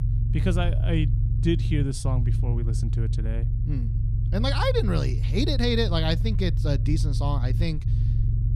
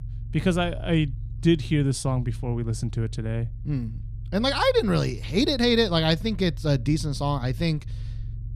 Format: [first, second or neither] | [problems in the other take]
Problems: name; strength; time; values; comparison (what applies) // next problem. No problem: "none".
second | low rumble; loud; throughout; 10 dB below the speech; faint in the second